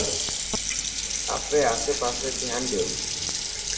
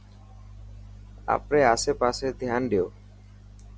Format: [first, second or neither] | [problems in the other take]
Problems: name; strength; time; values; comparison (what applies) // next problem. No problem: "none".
second | background sound (Water tap, faucet); 1 dB above the speech // room echo; dies away in 0.7 s